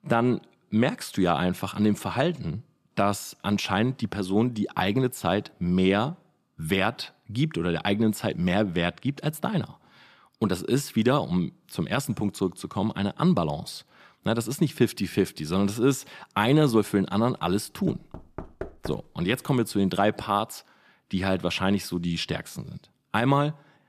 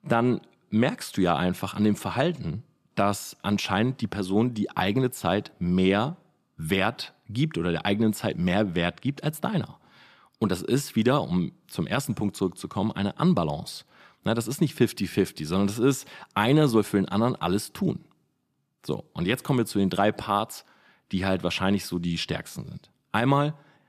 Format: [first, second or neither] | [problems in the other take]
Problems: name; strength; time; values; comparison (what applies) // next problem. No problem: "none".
second | door banging; faint; from 18 to 19 s; peak 10 dB below the speech